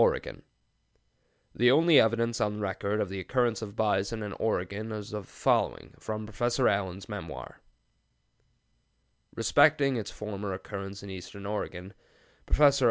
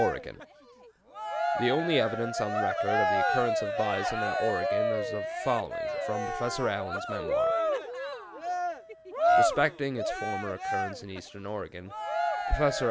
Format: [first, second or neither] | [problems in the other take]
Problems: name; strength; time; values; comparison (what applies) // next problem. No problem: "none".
first | background sound (Cheering); 3 dB above the speech